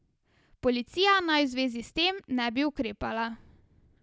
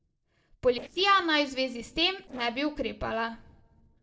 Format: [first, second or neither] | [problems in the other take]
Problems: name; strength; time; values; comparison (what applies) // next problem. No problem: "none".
first | noise reduction (neural separator model SepFormer DNS4)